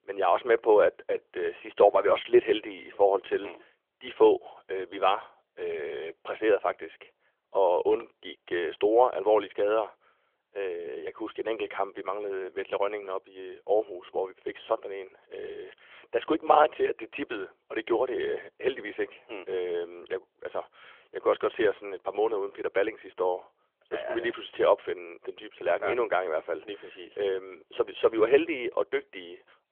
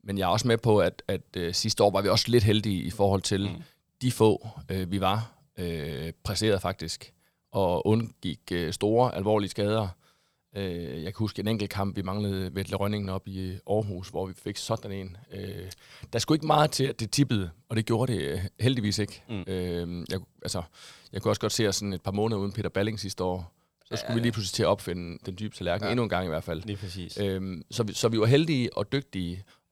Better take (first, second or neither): second